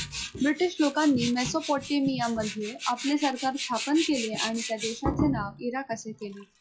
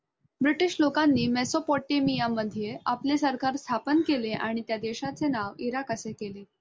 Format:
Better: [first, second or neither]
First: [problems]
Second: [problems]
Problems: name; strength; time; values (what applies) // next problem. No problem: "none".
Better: second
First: noise reduction (classical method log-MMSE)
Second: none